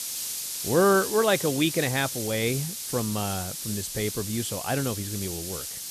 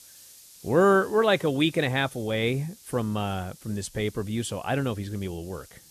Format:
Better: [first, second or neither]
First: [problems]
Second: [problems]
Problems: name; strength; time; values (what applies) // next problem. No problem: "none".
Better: second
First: hiss; loud; throughout; 5 dB below the speech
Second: hiss; faint; throughout; 25 dB below the speech